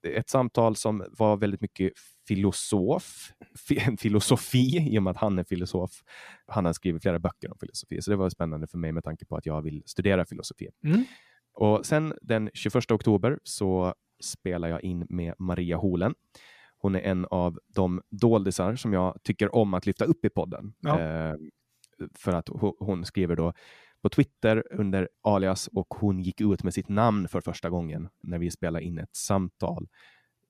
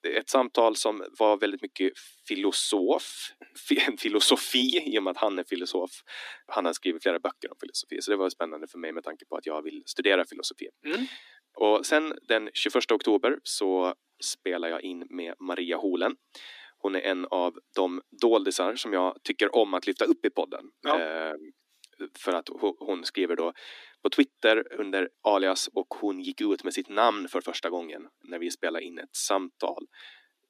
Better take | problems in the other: first | thin; somewhat; fading below 250 Hz

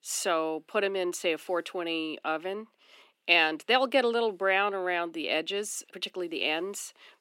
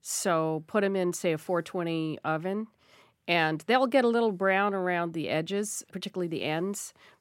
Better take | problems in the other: second | thin; somewhat; fading below 300 Hz

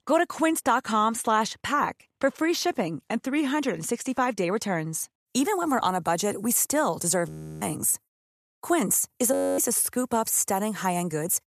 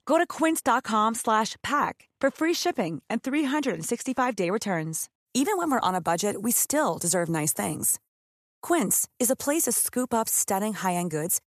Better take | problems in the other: second | audio freezing; at 7.5 s and at 9.5 s

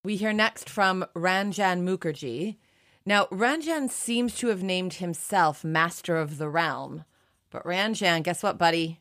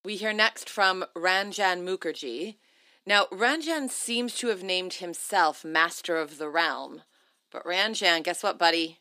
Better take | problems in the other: first | thin; somewhat; fading below 250 Hz

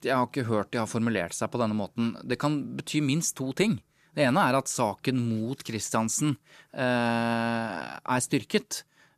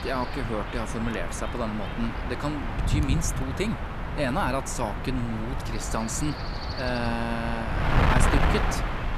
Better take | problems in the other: first | wind noise on the microphone; heavy; as loud as the speech

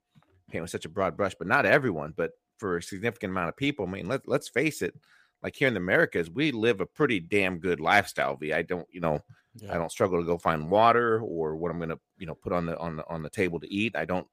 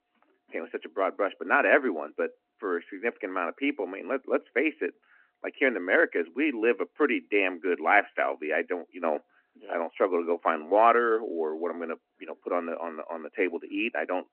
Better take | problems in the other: first | phone-call audio

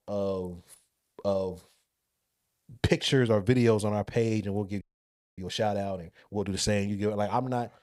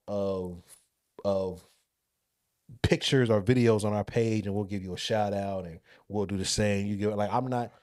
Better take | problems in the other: second | audio freezing; at 5 s for 0.5 s

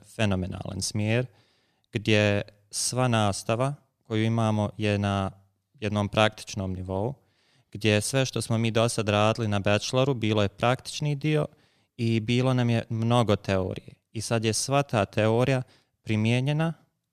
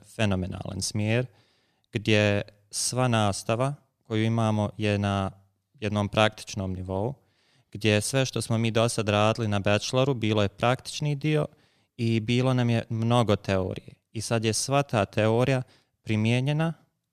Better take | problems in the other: neither | none

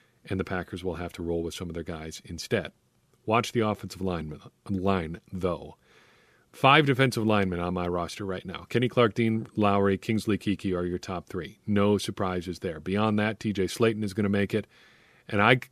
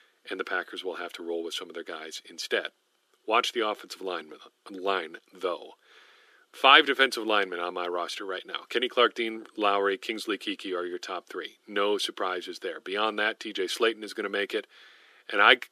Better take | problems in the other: first | thin; very; fading below 300 Hz

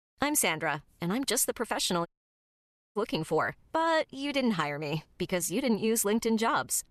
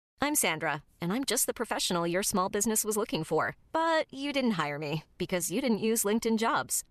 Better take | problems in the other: second | audio cutting out; at 2 s for 1 s

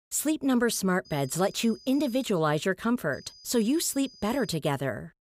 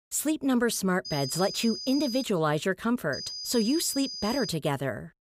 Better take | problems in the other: first | high-pitched whine; loud; from 1 to 2 s and from 3 to 4.5 s; 5 kHz, 7 dB below the speech; faint in the first

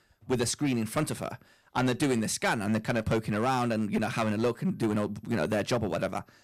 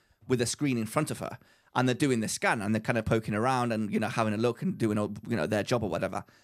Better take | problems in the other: second | distortion; slight; 5% of the sound clipped

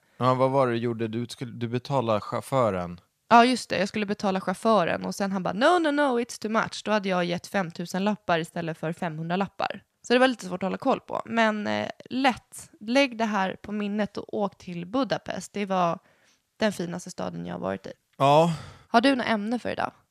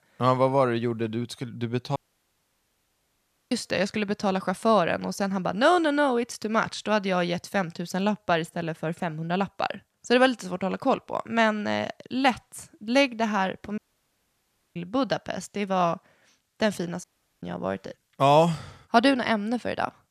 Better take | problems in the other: first | audio cutting out; at 2 s for 1.5 s, at 14 s for 1 s and at 17 s

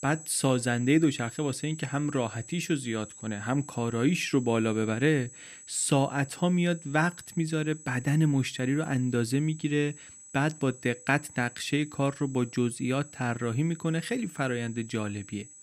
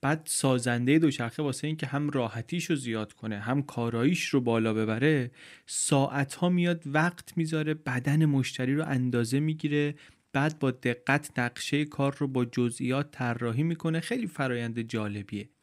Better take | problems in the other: second | high-pitched whine; noticeable; throughout; 8 kHz, 15 dB below the speech

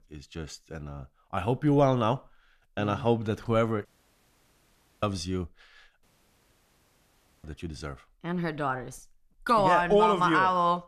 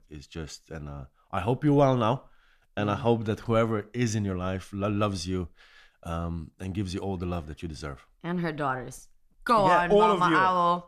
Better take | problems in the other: second | audio cutting out; at 4 s for 1 s and at 6 s for 1.5 s

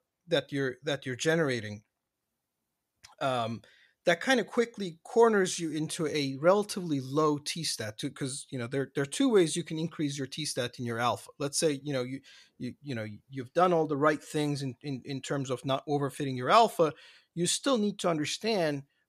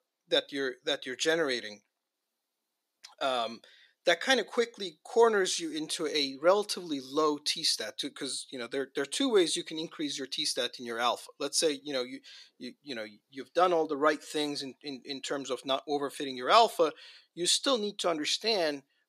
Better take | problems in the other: first | thin; very slightly; fading below 300 Hz

